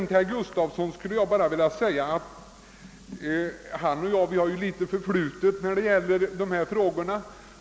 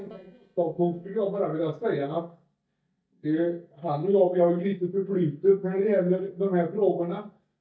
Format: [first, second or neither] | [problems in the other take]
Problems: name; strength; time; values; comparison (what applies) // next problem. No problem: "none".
first | noise reduction (neural mask model DeepFilterNet 3)